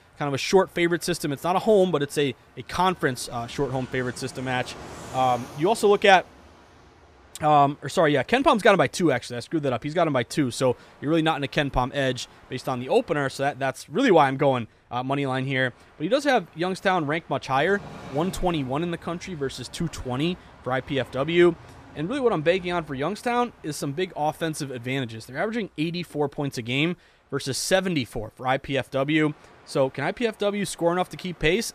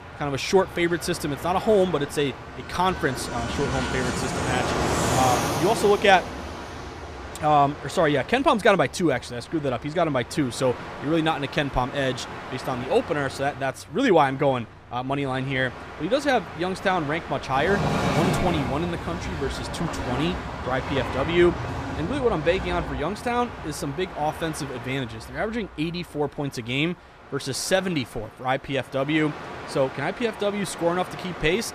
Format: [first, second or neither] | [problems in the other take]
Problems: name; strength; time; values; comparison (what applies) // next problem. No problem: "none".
first | train or aircraft noise; loud; throughout; 6 dB below the speech; faint in the first